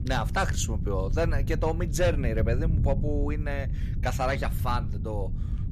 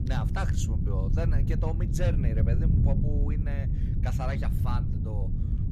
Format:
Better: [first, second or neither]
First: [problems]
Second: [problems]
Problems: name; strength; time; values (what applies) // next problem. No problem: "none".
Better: first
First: wind noise on the microphone; occasional gusts; 15 dB below the speech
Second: wind noise on the microphone; heavy; 2 dB below the speech